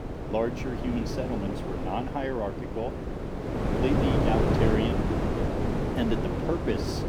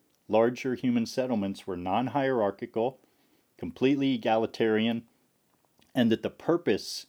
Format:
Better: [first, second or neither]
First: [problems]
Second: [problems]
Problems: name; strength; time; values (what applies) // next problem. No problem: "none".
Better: second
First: wind noise on the microphone; heavy; 1 dB above the speech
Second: none